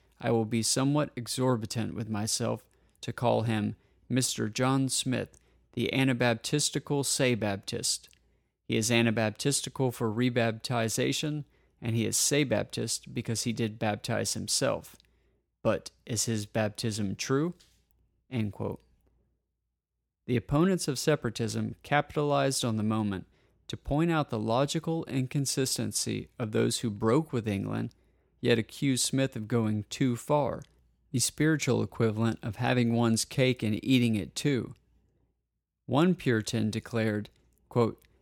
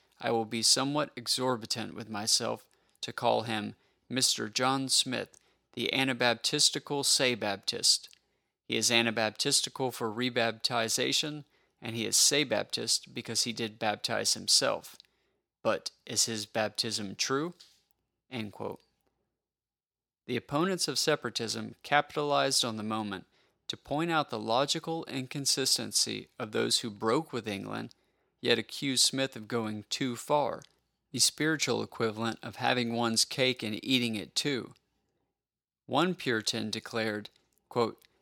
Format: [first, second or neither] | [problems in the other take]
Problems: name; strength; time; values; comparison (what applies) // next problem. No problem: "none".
first | thin; very slightly; fading below 400 Hz